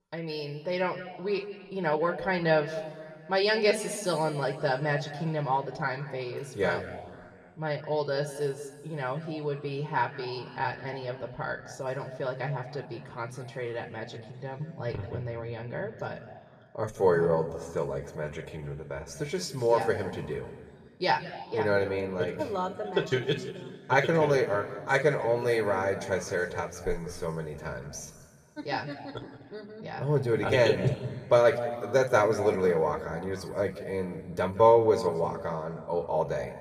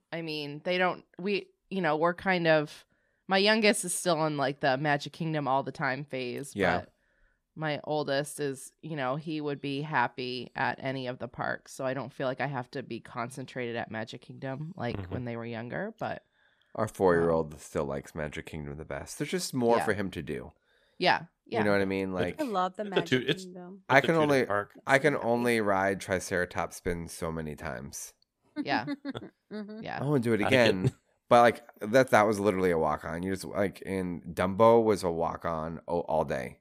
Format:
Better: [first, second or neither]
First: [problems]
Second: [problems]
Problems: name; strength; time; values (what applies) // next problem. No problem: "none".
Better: second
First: room echo; slight; dies away in 1.8 s // off-mic speech; somewhat distant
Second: none